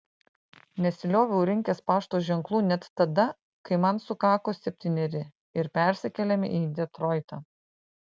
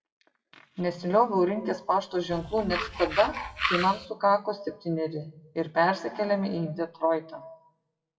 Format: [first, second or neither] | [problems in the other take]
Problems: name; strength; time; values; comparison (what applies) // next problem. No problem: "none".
first | noise reduction (classical method WPE with log-MMSE)